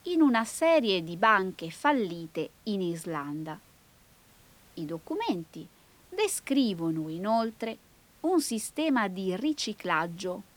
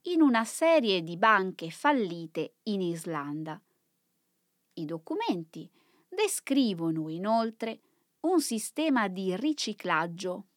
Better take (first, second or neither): second